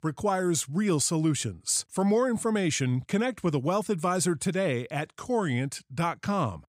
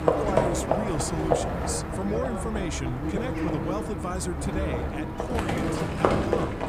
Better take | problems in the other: first | animal sounds; very loud; throughout; 5 dB above the speech

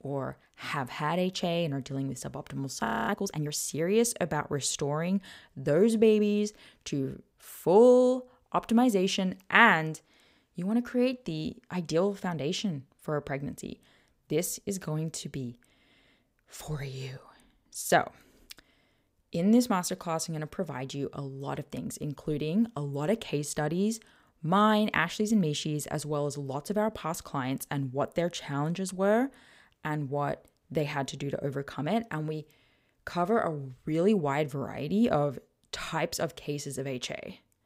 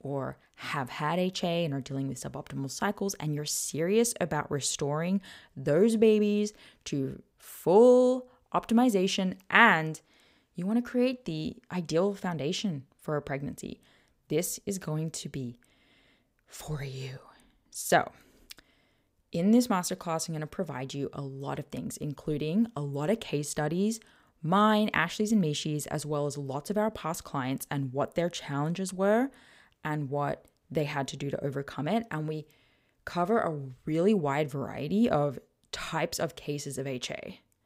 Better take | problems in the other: second | audio freezing; at 3 s

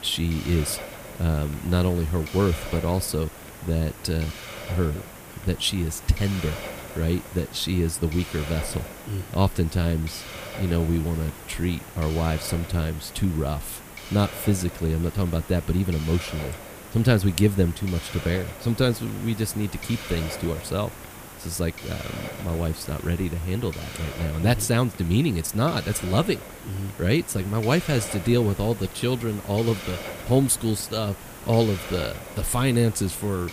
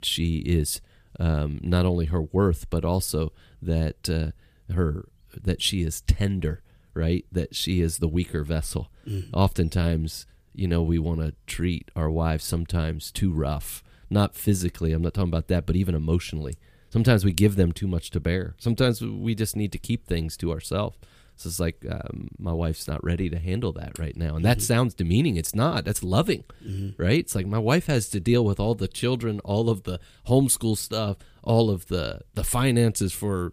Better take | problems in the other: second | hiss; noticeable; throughout; 10 dB below the speech

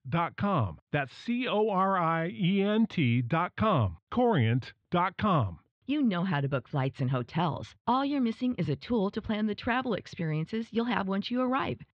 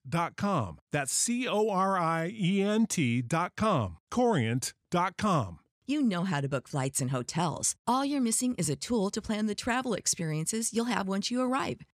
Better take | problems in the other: second | muffled; very; fading above 3.5 kHz

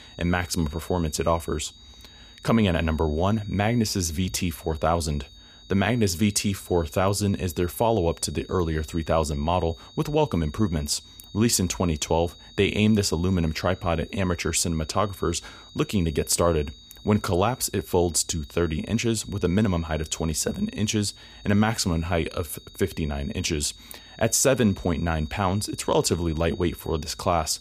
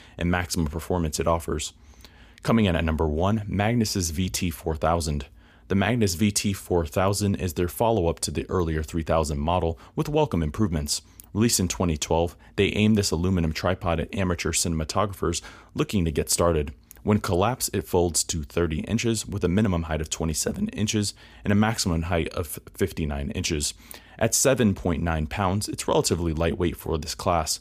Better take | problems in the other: second | high-pitched whine; faint; throughout; 4 kHz, 20 dB below the speech

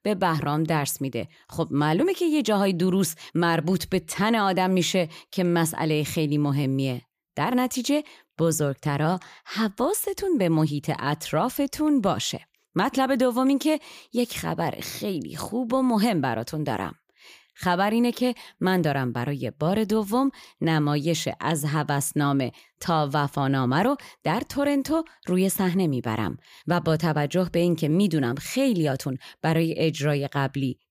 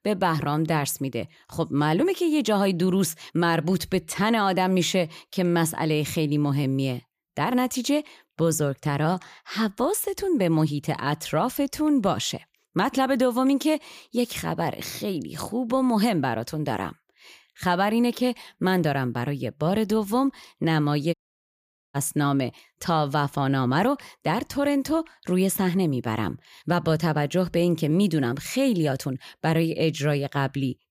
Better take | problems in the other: first | audio cutting out; at 21 s for 1 s

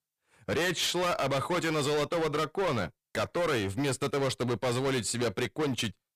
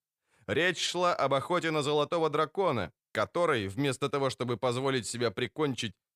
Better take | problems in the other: second | distortion; heavy; 24% of the sound clipped

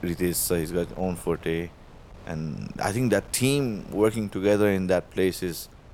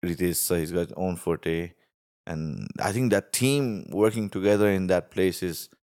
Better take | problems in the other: second | wind noise on the microphone; occasional gusts; 25 dB below the speech

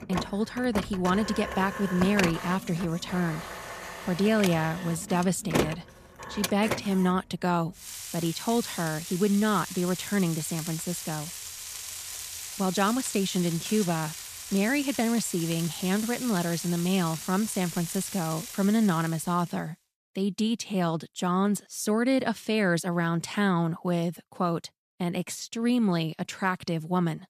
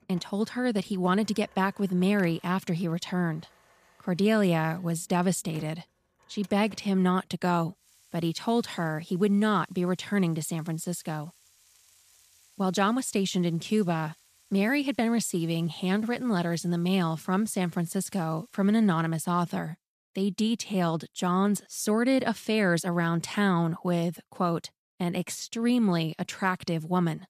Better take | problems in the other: second | household noises; loud; until 19 s; 8 dB below the speech; faint in the second

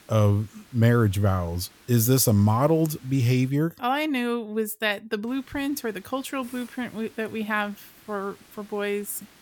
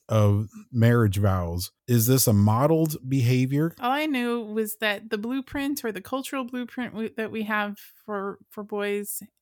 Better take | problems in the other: second | hiss; faint; until 3.5 s and from 5.5 s on; 25 dB below the speech

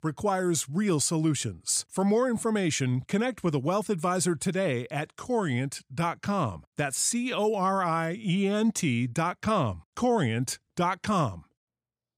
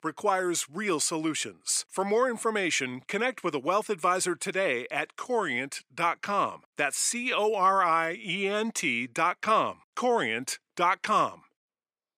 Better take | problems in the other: first | thin; somewhat; fading below 400 Hz

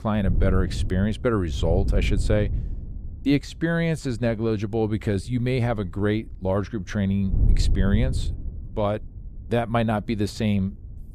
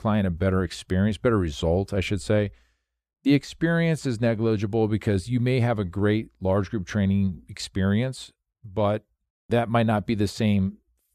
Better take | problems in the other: second | wind noise on the microphone; occasional gusts; 15 dB below the speech

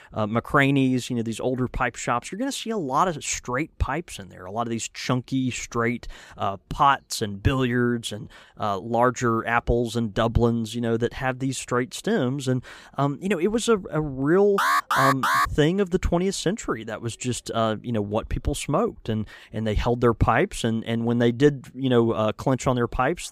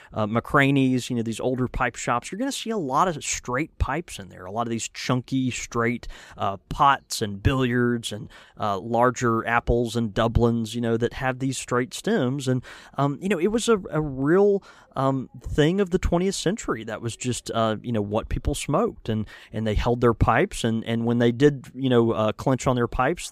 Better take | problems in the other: second | alarm; loud; at 15 s; peak 4 dB above the speech

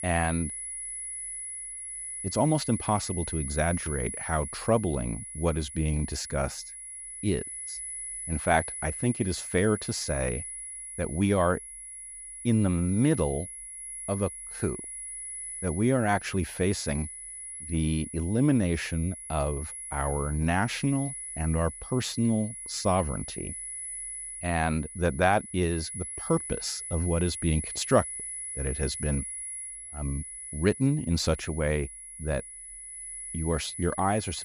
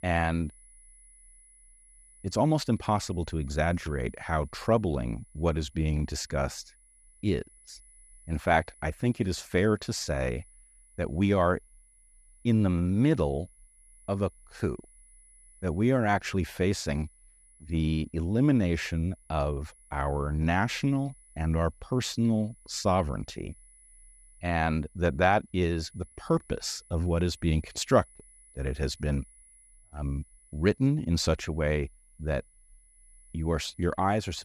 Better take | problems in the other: second | high-pitched whine; loud; throughout; 10 kHz, 7 dB below the speech; faint in the second

